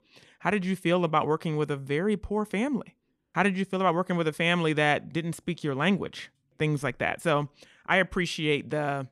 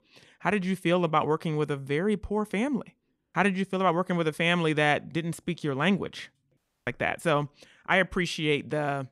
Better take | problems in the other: first | audio cutting out; at 6.5 s

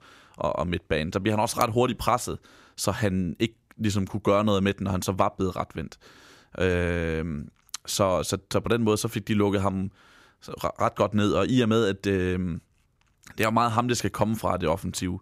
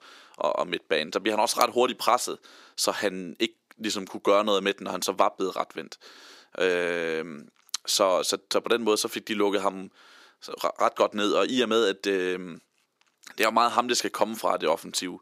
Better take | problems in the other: first | thin; somewhat; fading below 300 Hz

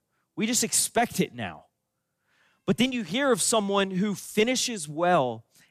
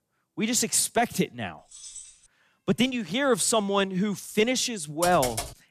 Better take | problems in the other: first | jangling keys; faint; at 1.5 s; peak 15 dB below the speech // keyboard typing; noticeable; at 5 s; peak 6 dB below the speech

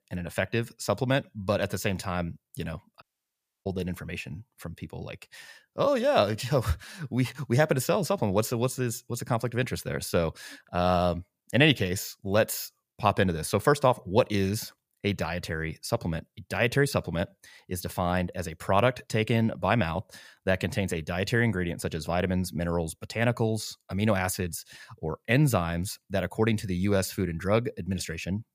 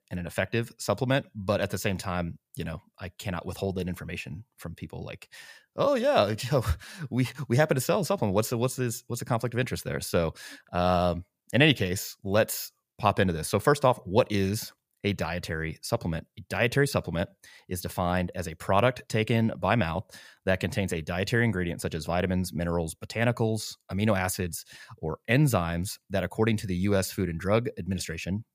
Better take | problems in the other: second | audio cutting out; at 3 s for 0.5 s

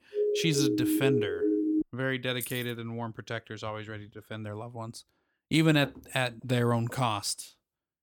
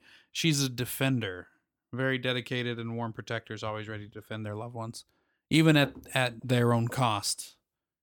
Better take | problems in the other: second | siren; loud; until 2 s; peak 3 dB above the speech // jangling keys; noticeable; at 2.5 s; peak 8 dB below the speech

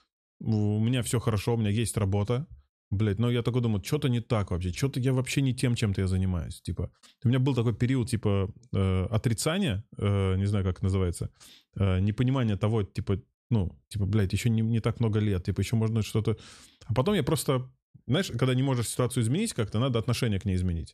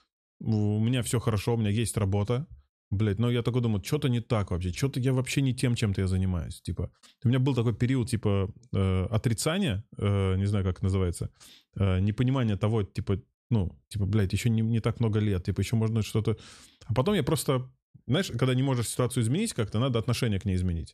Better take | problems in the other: neither | none

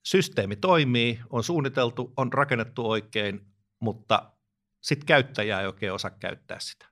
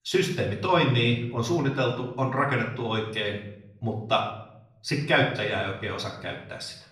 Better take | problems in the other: first | off-mic speech; far // room echo; slight; dies away in 0.7 s

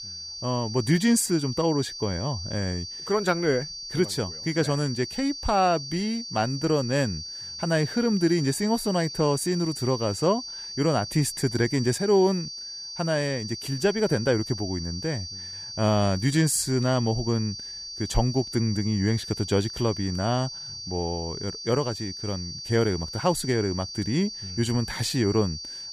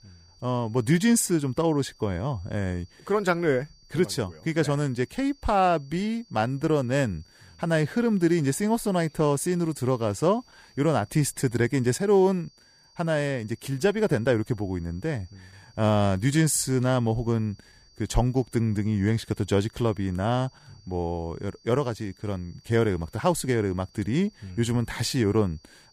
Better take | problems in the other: second | high-pitched whine; loud; throughout; 4.5 kHz, 8 dB below the speech; faint in the second

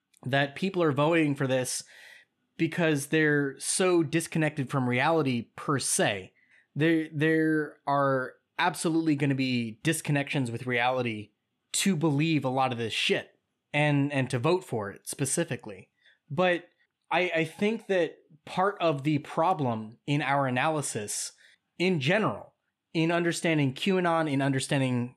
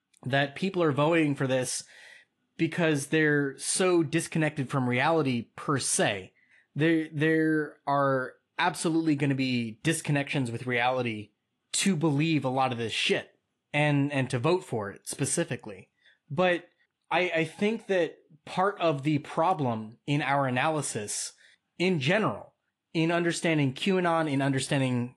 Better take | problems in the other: first | garbled, watery; slightly

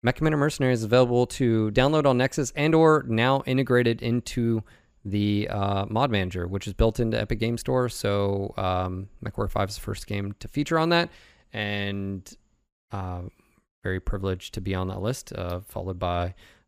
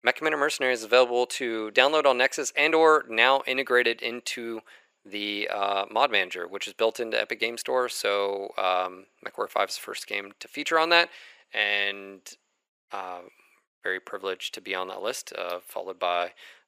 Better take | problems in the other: first | thin; very; fading below 450 Hz

